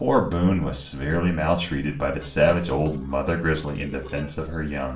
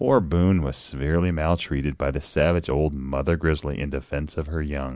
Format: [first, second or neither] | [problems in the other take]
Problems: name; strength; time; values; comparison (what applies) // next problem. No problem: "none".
second | noise reduction (neural separator model SepFormer DNS4)